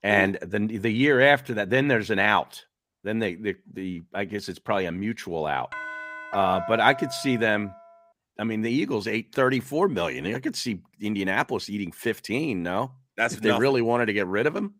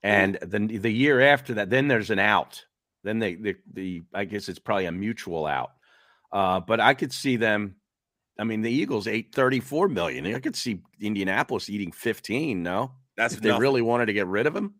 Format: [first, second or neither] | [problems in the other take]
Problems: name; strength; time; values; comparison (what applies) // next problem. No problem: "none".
second | doorbell; noticeable; from 5.5 to 8 s; peak 7 dB below the speech